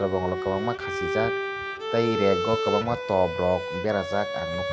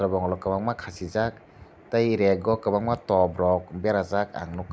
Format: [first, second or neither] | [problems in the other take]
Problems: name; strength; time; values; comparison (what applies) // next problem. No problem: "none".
second | background sound (Bowed string instrument); 3 dB below the speech